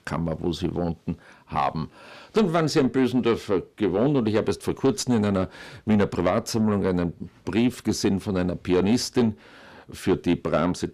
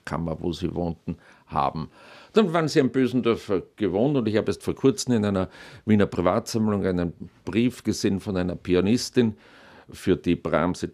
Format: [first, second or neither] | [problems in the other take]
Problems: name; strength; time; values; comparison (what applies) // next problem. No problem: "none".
second | distortion; slight; 10 dB below the speech